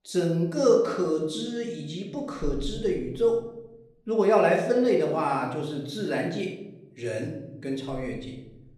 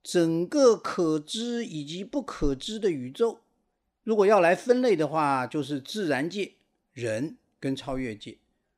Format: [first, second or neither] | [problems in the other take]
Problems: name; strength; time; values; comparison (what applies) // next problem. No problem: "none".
second | room echo; noticeable; dies away in 0.9 s // off-mic speech; far